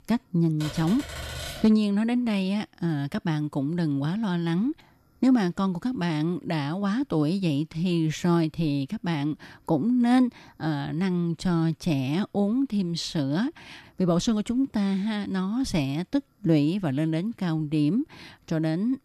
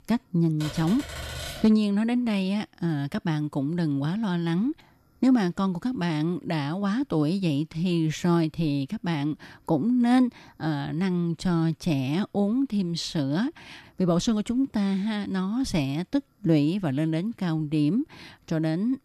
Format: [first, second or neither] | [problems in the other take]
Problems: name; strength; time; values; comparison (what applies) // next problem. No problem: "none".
neither | keyboard typing; noticeable; from 0.5 to 1.5 s; peak 8 dB below the speech; the same in both